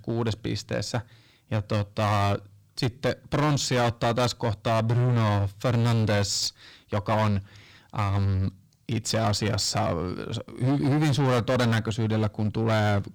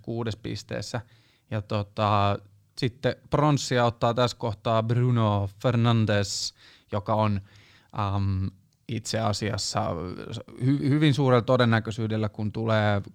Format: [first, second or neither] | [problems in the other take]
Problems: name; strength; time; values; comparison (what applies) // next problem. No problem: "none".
second | distortion; heavy; 16% of the sound clipped